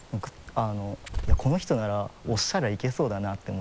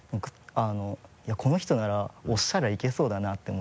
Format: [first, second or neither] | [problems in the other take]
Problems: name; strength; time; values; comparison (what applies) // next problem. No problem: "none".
second | background sound (Bird); 3 dB below the speech